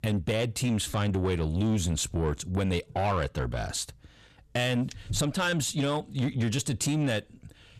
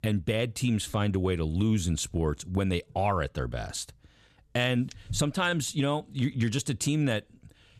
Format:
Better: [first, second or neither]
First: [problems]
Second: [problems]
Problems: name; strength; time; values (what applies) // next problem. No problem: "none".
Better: second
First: distortion; slight; 10 dB below the speech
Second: none